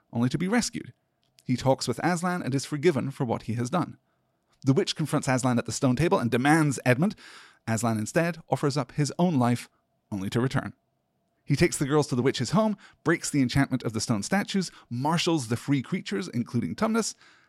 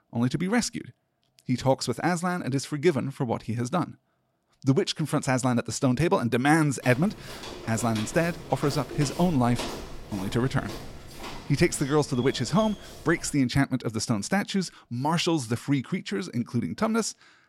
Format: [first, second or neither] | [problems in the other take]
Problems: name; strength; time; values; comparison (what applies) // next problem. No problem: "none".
first | footsteps; noticeable; from 7 to 13 s; peak 8 dB below the speech